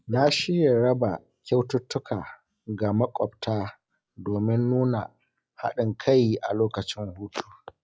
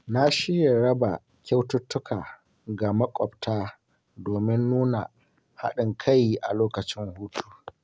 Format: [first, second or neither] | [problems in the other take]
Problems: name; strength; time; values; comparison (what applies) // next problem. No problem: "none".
second | noise reduction (classical method log-MMSE)